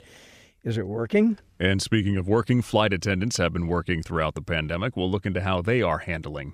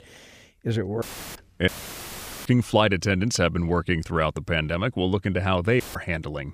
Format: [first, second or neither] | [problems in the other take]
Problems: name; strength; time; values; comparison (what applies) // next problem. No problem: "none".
first | audio cutting out; filled with static; at 1 s, at 1.5 s for 1 s and at 6 s